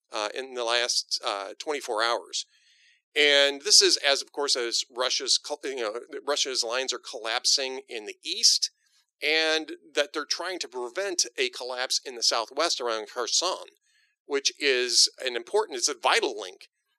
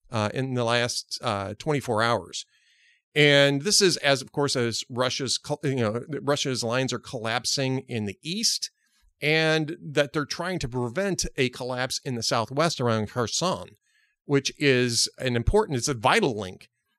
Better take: second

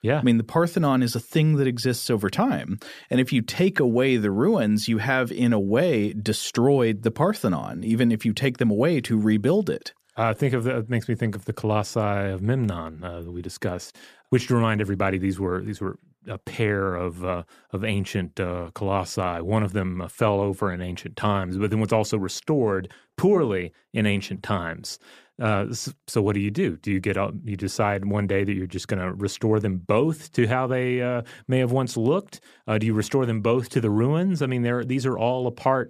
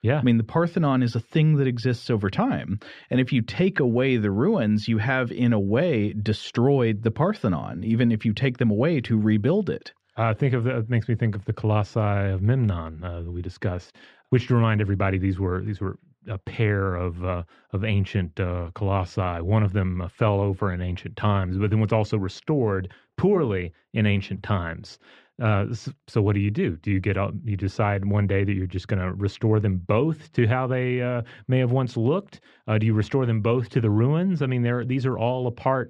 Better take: first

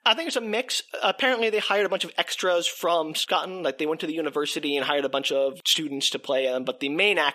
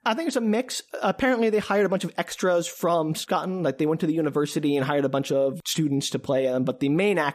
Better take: second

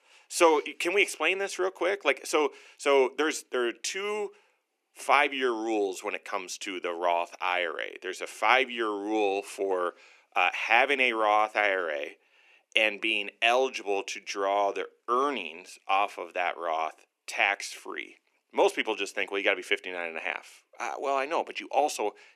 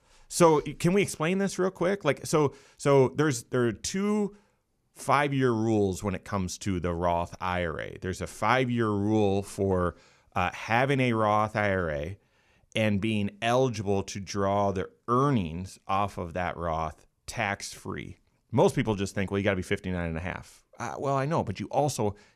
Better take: second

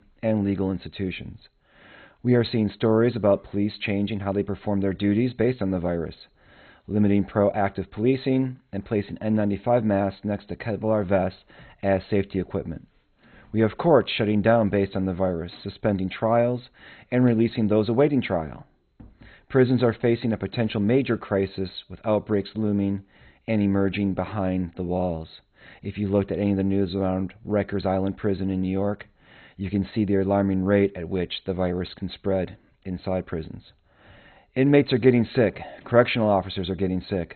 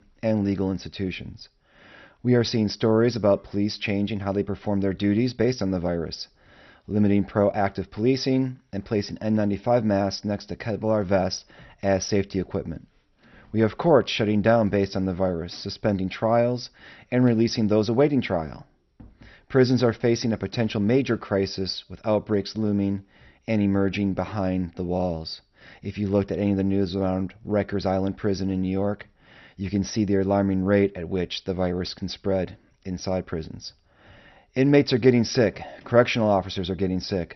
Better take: second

